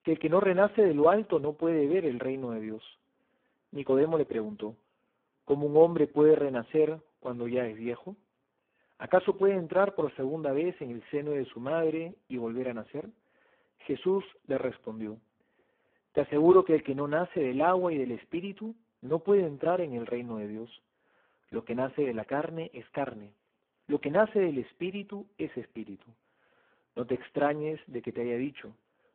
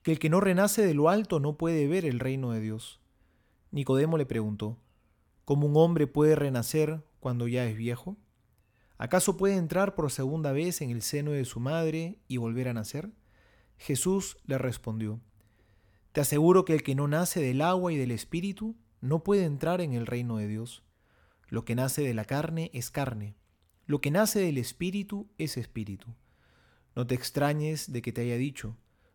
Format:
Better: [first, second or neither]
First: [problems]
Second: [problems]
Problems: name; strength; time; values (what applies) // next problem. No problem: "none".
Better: second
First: phone-call audio; poor line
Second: none